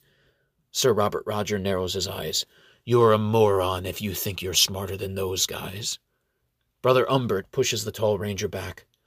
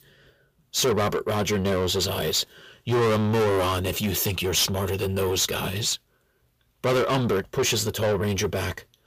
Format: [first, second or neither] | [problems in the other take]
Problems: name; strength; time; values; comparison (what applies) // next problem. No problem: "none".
first | distortion; heavy; 6 dB below the speech